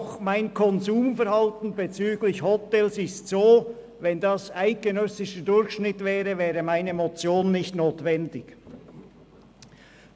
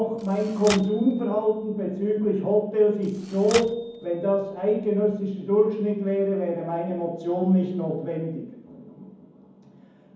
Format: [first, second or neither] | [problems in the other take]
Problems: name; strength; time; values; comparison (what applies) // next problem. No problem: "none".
first | background sound (Typewriter); 15 dB below the speech // room echo; dies away in 1.2 s